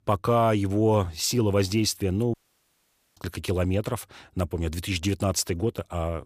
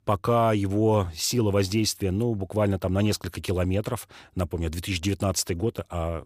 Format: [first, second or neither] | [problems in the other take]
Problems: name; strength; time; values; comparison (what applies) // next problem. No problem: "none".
second | audio cutting out; at 2.5 s for 1 s